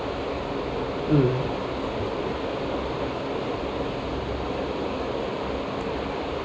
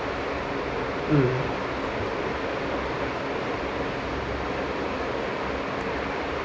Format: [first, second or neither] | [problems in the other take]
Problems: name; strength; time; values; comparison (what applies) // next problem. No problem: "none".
second | room echo; dies away in 0.9 s